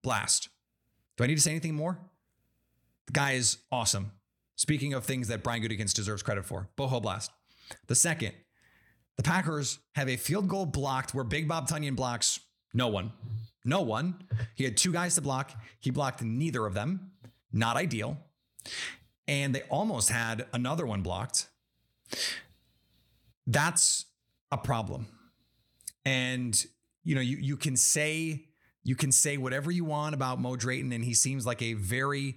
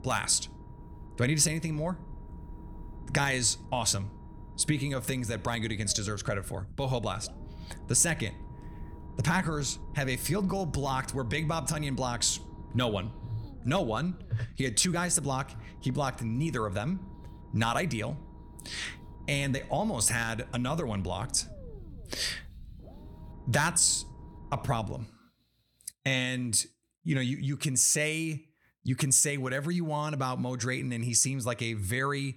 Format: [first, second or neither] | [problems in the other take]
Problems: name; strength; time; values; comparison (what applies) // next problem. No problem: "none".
first | low rumble; faint; until 25 s; 25 dB below the speech